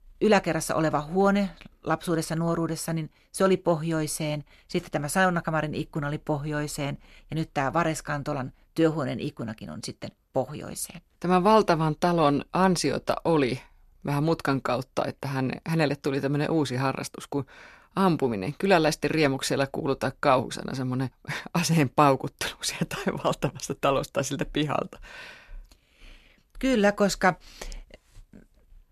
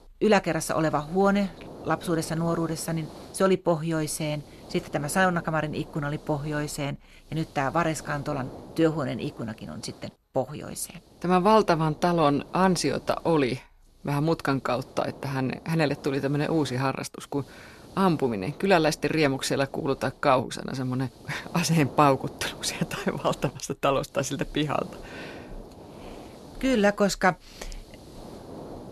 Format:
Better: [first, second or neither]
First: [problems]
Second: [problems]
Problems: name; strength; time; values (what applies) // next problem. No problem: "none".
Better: first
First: none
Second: hiss; noticeable; throughout; 20 dB below the speech